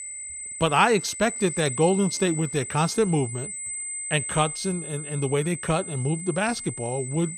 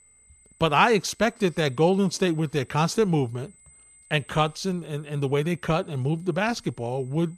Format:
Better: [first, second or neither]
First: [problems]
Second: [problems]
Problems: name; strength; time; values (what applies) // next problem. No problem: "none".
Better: second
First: high-pitched whine; loud; throughout; 8 kHz, 7 dB below the speech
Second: high-pitched whine; faint; throughout; 8 kHz, 30 dB below the speech